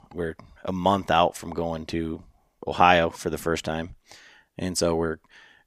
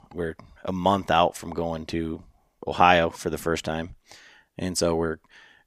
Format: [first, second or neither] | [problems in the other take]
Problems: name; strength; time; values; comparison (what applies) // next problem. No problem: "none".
neither | none